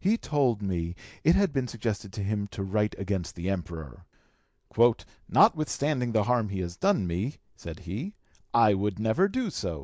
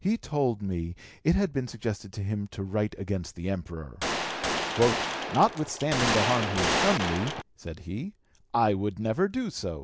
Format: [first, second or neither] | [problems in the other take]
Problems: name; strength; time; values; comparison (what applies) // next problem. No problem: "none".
first | background sound (Gunshot, gunfire); as loud as the speech